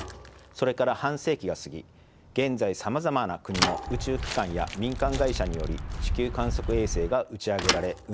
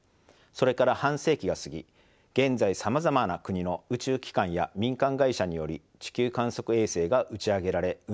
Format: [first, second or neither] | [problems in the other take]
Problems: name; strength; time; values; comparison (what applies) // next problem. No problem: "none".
second | background sound (Walk, footsteps + Thump, thud / Bicycle); 4 dB below the speech